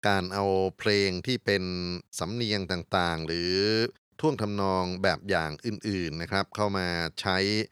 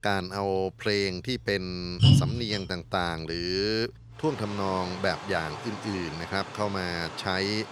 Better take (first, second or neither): first